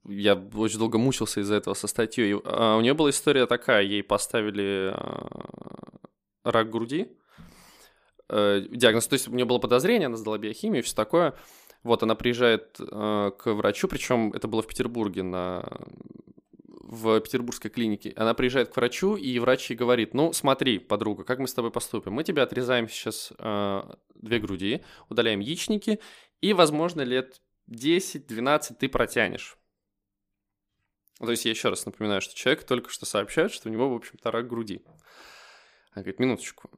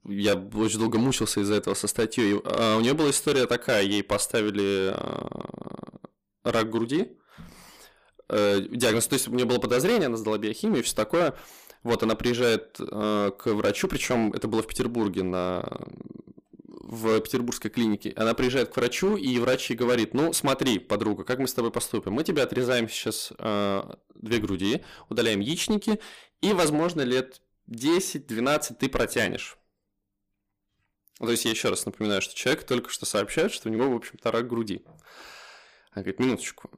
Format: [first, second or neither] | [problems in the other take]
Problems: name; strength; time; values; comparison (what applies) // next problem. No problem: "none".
first | distortion; heavy; 8% of the sound clipped